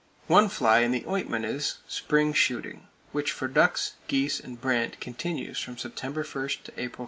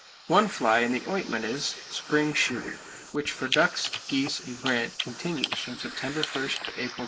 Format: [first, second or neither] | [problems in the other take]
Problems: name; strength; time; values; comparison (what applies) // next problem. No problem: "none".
first | noise reduction (neural mask model Resemble Enhance denoiser)